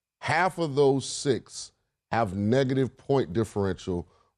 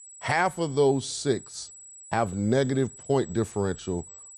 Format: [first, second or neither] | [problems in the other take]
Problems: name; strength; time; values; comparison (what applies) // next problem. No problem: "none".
first | high-pitched whine; noticeable; throughout; 8 kHz, 15 dB below the speech